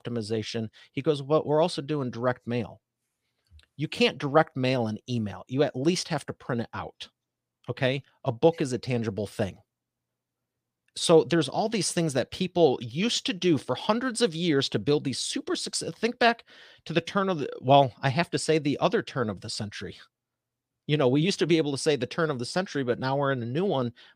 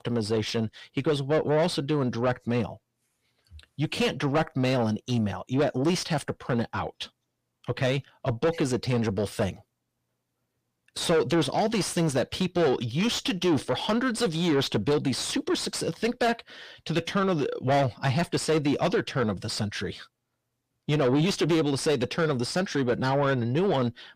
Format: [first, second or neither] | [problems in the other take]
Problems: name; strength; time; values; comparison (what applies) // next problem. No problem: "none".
first | distortion; heavy; 6 dB below the speech